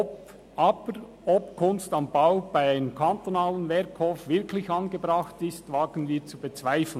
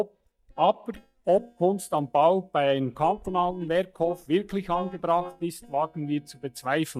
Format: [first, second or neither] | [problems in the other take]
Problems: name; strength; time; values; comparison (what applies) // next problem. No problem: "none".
first | noise reduction (neural mask model DeepFilterNet 3)